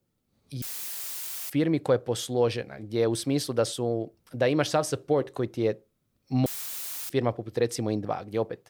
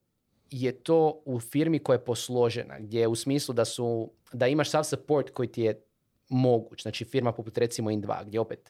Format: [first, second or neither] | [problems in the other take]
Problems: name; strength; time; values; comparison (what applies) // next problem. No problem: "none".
second | audio cutting out; filled with static; at 0.5 s for 1 s and at 6.5 s for 0.5 s